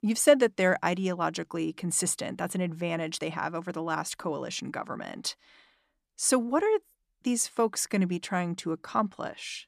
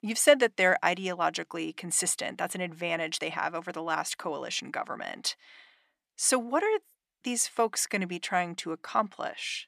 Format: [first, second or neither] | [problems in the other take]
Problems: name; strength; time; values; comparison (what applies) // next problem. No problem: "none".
first | thin; very slightly; fading below 850 Hz